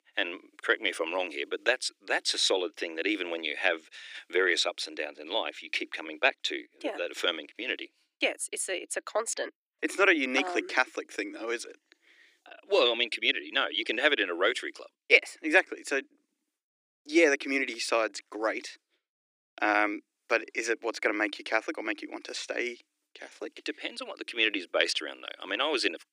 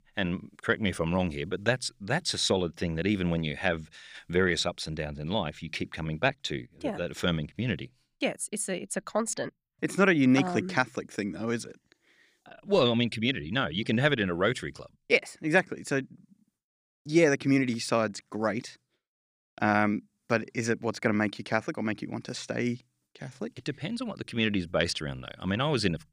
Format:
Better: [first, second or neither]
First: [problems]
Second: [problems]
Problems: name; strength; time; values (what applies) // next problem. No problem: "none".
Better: second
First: thin; very; fading below 300 Hz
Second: none